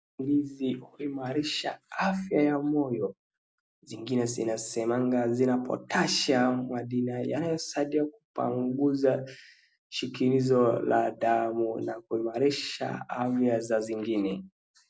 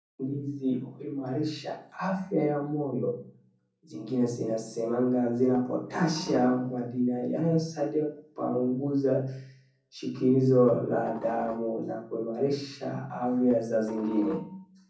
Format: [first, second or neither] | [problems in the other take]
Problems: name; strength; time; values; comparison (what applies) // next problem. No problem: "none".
first | background sound (Dishes, pots, and pans); 17 dB below the speech // room echo; dies away in 0.6 s